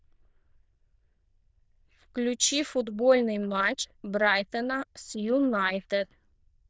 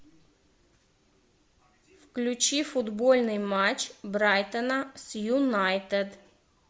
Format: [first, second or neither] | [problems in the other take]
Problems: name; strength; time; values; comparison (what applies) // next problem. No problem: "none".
second | noise reduction (neural diffusion model UNIVERSE++)